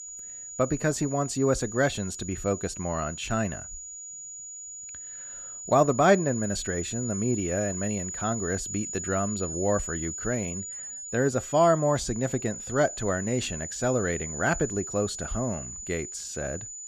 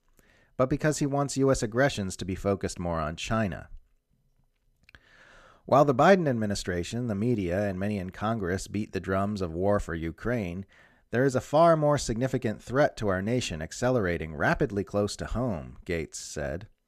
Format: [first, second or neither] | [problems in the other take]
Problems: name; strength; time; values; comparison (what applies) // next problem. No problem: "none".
second | high-pitched whine; loud; throughout; 7 kHz, 7 dB below the speech